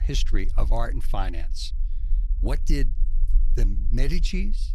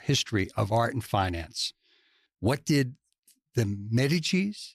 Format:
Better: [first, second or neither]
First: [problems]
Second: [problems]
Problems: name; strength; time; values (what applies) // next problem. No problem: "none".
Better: second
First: low rumble; noticeable; throughout; 20 dB below the speech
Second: none